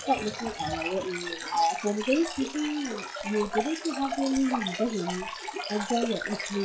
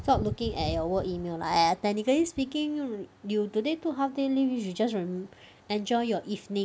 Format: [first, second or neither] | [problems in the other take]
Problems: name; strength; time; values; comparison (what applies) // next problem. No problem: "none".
second | noise reduction (classical method log-MMSE)